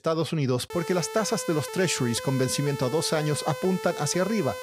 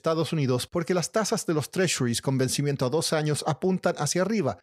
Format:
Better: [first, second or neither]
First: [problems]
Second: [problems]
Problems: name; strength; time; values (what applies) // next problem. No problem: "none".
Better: second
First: siren; noticeable; from 0.5 s on; peak 10 dB below the speech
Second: none